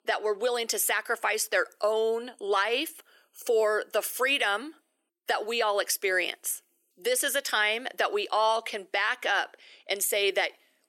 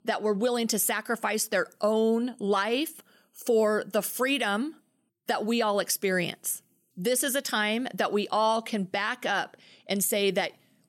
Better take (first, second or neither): second